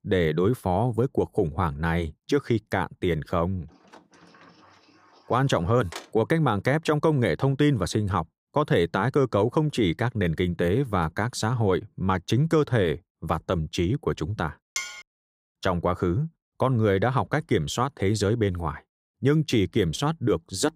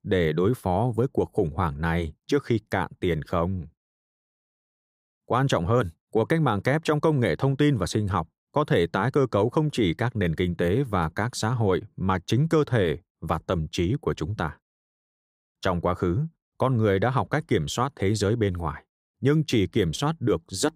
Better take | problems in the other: second | door banging; faint; from 4 to 6 s; peak 15 dB below the speech // clattering dishes; noticeable; at 15 s; peak 7 dB below the speech

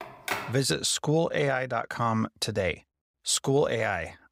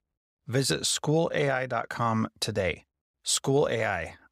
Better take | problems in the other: second | phone ringing; noticeable; at the start; peak 5 dB below the speech

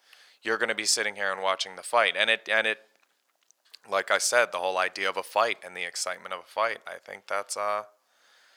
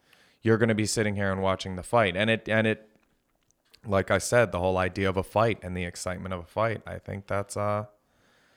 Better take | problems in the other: second | thin; very; fading below 750 Hz

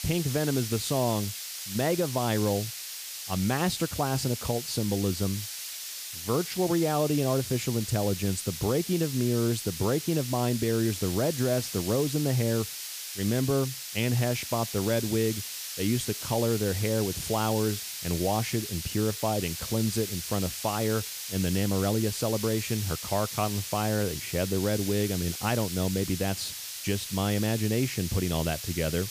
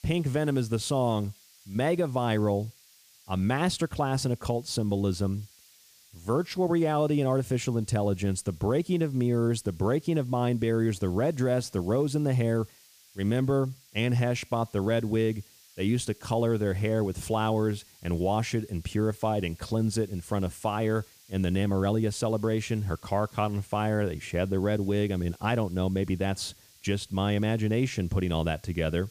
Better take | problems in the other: second | hiss; loud; throughout; 6 dB below the speech; faint in the second

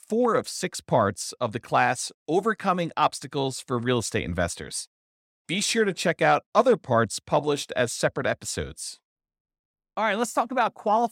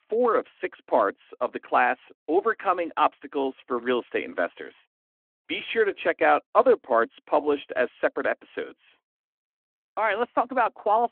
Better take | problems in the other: first | phone-call audio

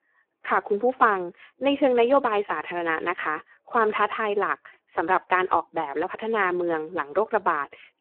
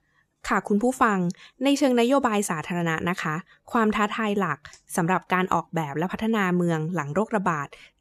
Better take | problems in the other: second | phone-call audio; poor line

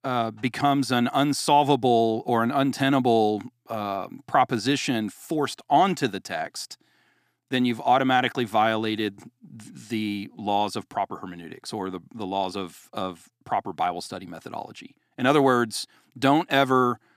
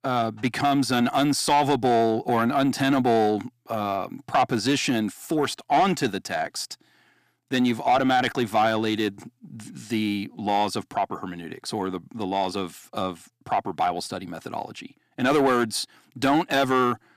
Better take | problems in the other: first | distortion; slight; 10 dB below the speech

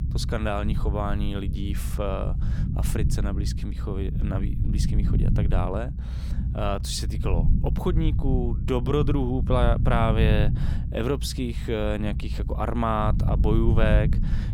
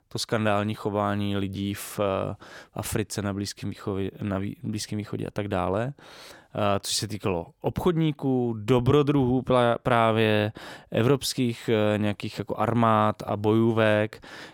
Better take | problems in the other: second | low rumble; noticeable; throughout; 10 dB below the speech

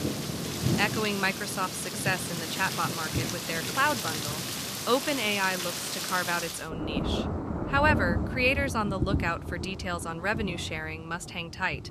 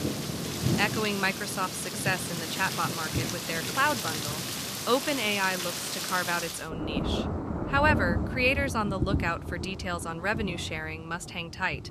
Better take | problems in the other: neither | rain or running water; loud; throughout; 2 dB below the speech; the same in both

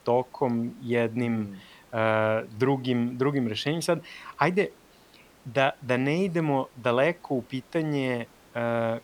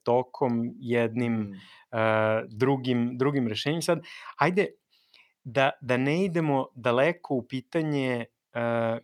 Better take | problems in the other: second | hiss; faint; throughout; 30 dB below the speech

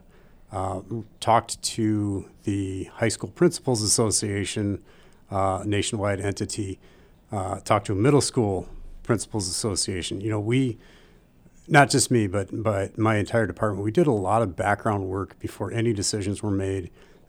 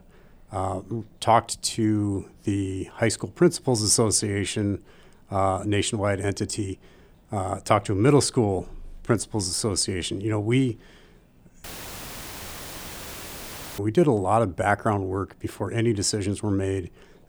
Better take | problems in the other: first | audio cutting out; filled with static; at 12 s for 2 s

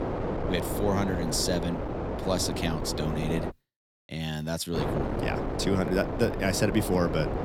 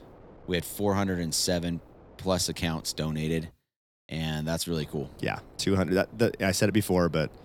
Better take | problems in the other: second | wind noise on the microphone; heavy; until 3.5 s and from 5 s on; 3 dB below the speech; occasional gusts in the second

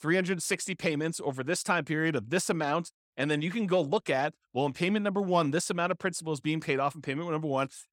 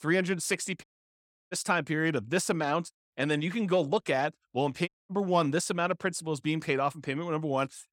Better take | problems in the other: first | audio cutting out; at 1 s for 0.5 s and at 5 s

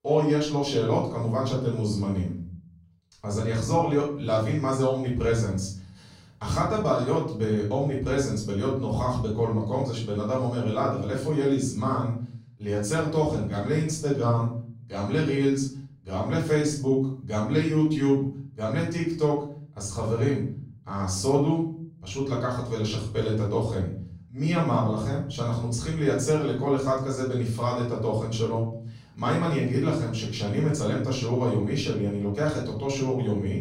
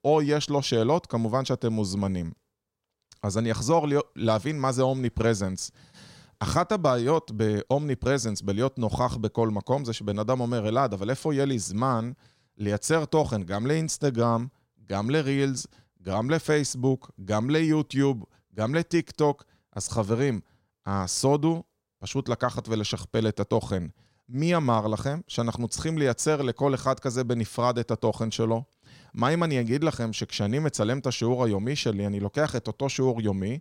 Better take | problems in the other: second | off-mic speech; far // room echo; noticeable; dies away in 0.6 s

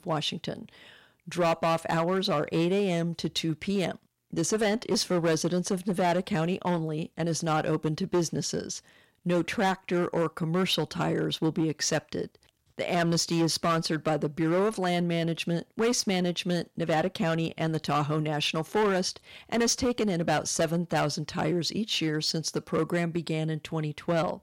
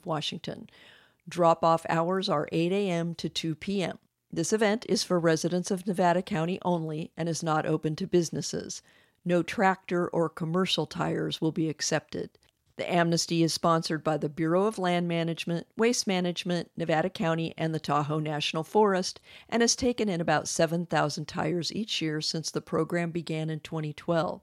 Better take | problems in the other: second | distortion; slight; 8% of the sound clipped

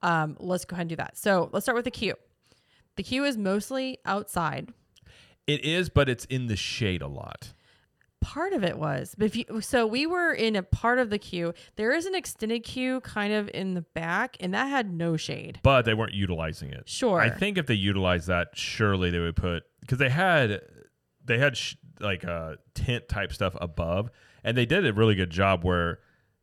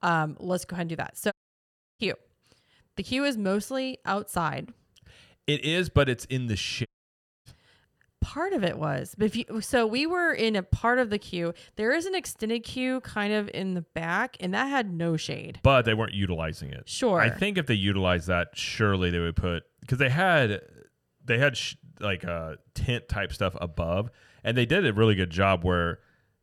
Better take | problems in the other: first | audio cutting out; at 1.5 s for 0.5 s and at 7 s for 0.5 s

